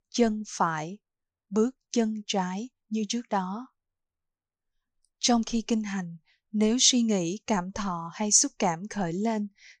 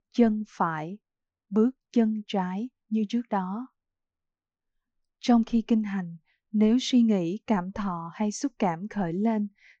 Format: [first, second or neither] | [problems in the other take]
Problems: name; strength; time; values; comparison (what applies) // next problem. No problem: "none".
first | muffled; very; fading above 2.5 kHz